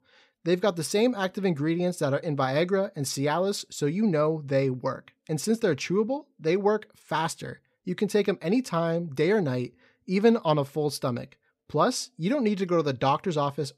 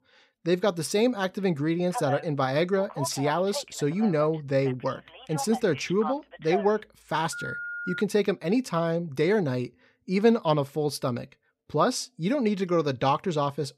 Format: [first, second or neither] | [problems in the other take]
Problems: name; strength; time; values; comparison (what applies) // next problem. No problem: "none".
first | phone ringing; noticeable; from 2 to 8 s; peak 7 dB below the speech